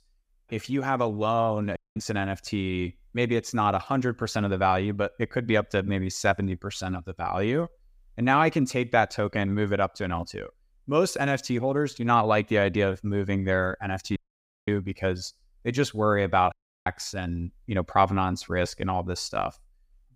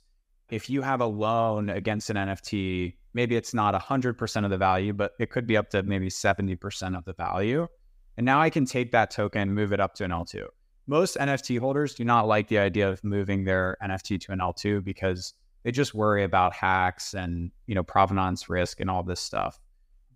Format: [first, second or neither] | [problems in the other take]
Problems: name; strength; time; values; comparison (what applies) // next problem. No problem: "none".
second | audio cutting out; at 2 s, at 14 s for 0.5 s and at 17 s